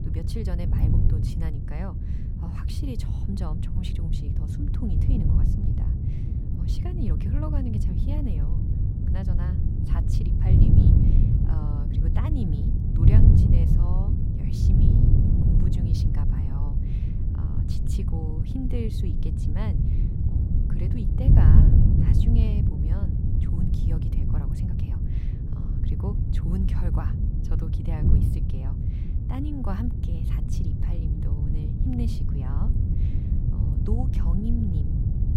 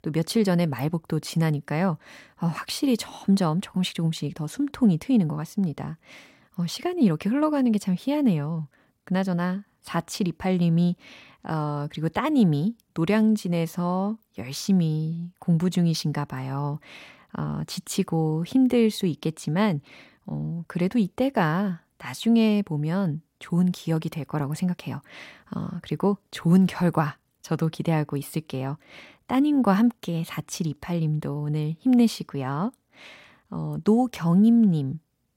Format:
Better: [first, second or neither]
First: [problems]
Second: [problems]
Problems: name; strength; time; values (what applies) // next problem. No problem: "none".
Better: second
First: wind noise on the microphone; heavy; 4 dB above the speech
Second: none